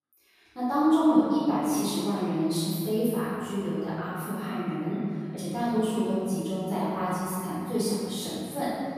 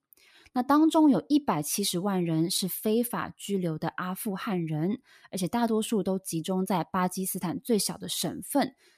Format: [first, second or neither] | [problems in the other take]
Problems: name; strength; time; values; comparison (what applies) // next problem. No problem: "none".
second | off-mic speech; far // room echo; strong; dies away in 2.3 s